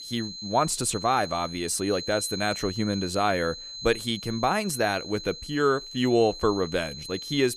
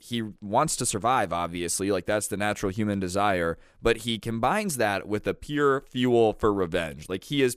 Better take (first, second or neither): second